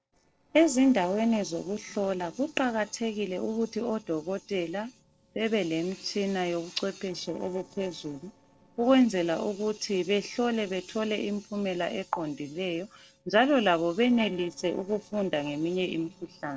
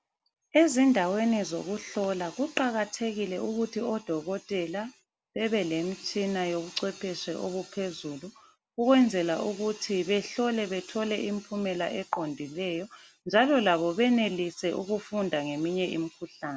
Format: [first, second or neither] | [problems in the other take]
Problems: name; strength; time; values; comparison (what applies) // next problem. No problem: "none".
second | noise reduction (neural separator model SepFormer DNS4)